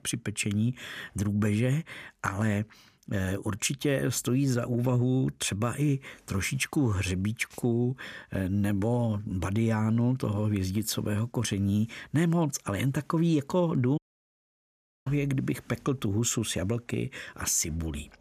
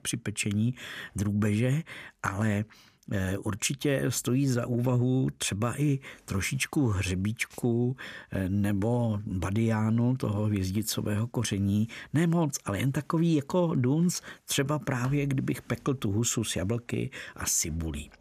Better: second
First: audio cutting out; at 14 s for 1 s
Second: none

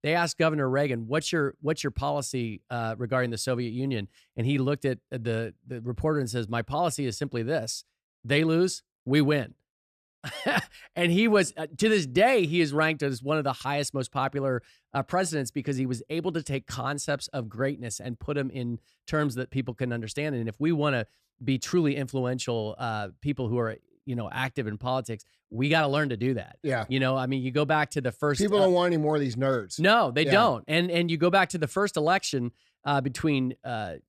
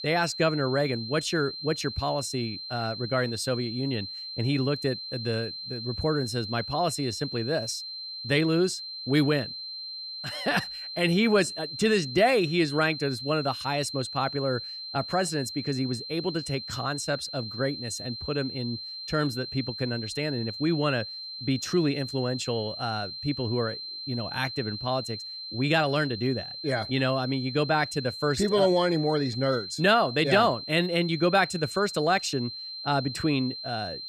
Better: first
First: none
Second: high-pitched whine; loud; throughout; 4 kHz, 8 dB below the speech

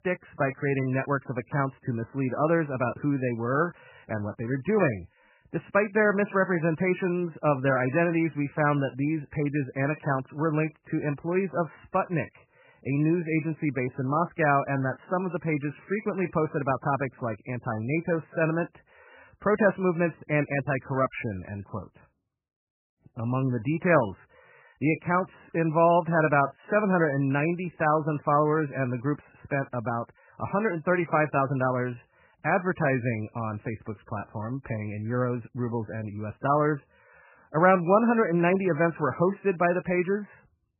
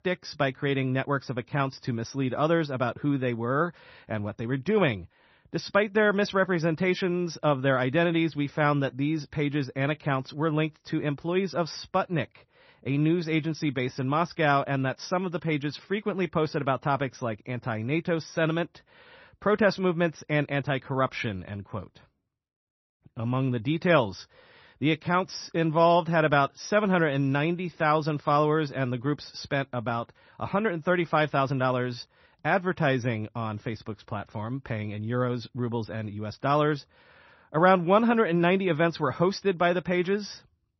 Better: second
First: garbled, watery; badly; nothing above 2.5 kHz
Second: garbled, watery; slightly; nothing above 6 kHz

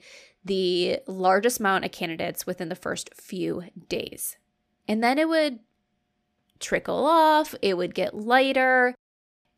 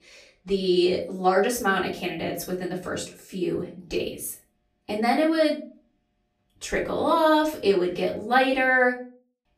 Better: first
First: none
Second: room echo; slight; dies away in 0.3 s // off-mic speech; far

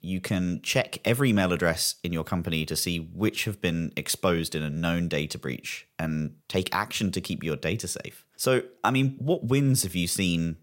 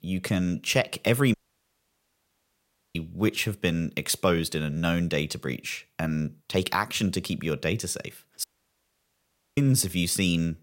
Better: first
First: none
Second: audio cutting out; at 1.5 s for 1.5 s and at 8.5 s for 1 s

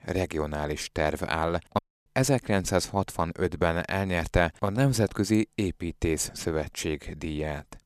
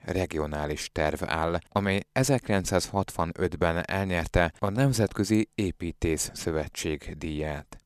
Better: second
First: audio cutting out; at 2 s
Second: none

